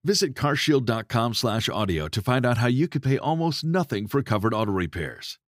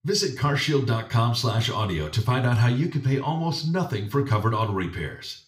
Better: first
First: none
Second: room echo; very slight; dies away in 0.4 s

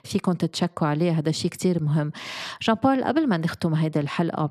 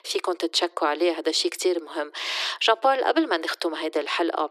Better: first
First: none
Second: thin; very; fading below 350 Hz

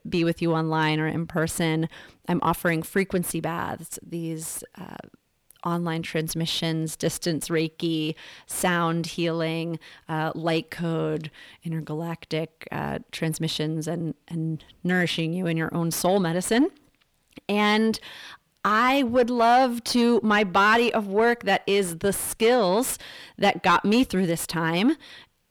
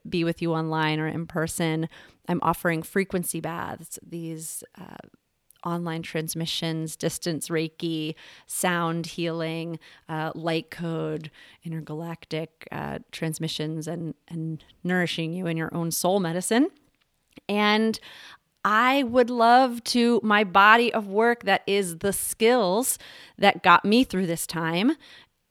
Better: second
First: distortion; slight; 10 dB below the speech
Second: none

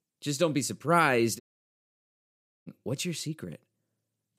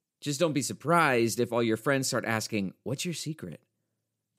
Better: second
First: audio cutting out; at 1.5 s for 1.5 s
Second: none

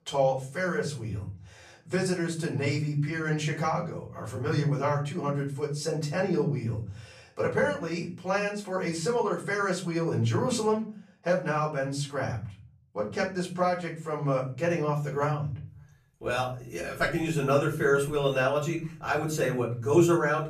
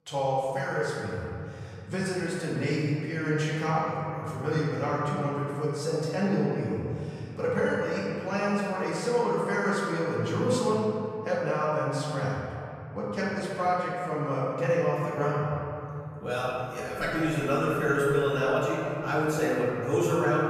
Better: first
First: room echo; slight; dies away in 0.5 s // off-mic speech; far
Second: room echo; strong; dies away in 2.7 s // off-mic speech; far

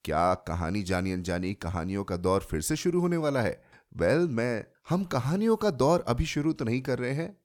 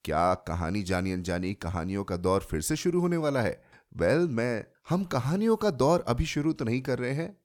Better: neither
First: none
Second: none

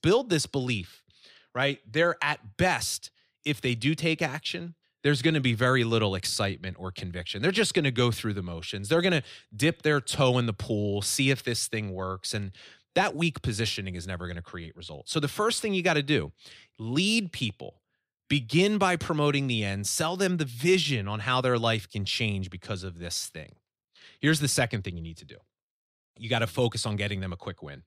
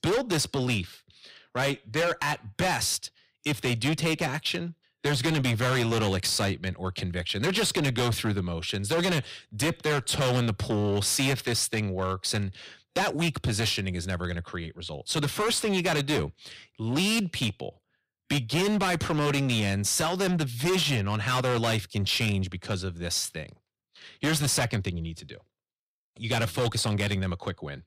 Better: first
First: none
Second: distortion; heavy; 15% of the sound clipped

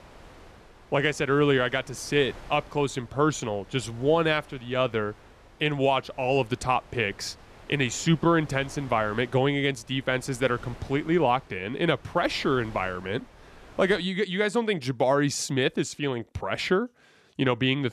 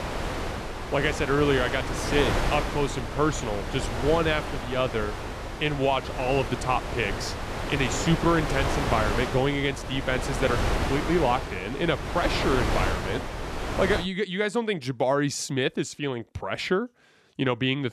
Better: first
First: wind noise on the microphone; occasional gusts; until 14 s; 25 dB below the speech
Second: wind noise on the microphone; heavy; until 14 s; 4 dB below the speech

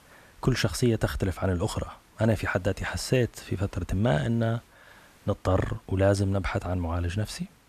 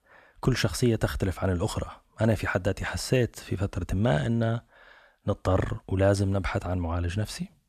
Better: second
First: hiss; faint; throughout; 30 dB below the speech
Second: none

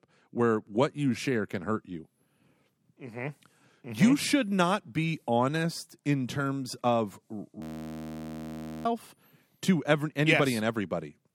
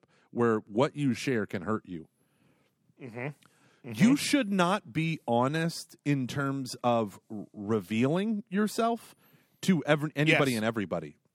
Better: second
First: audio freezing; at 7.5 s for 1 s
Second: none

